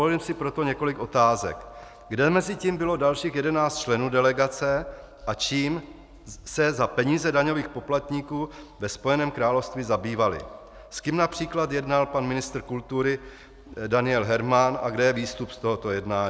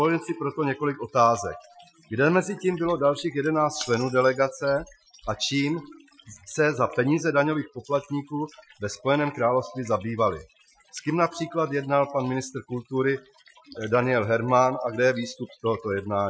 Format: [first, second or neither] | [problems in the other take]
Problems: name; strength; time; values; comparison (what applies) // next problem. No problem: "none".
first | noise reduction (classical method Wiener filter)